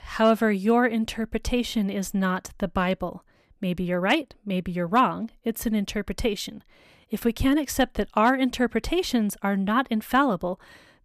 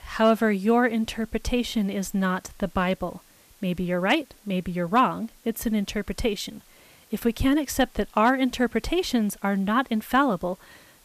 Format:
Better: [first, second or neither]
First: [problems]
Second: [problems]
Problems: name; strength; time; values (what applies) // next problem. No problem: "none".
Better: first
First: none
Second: hiss; faint; throughout; 30 dB below the speech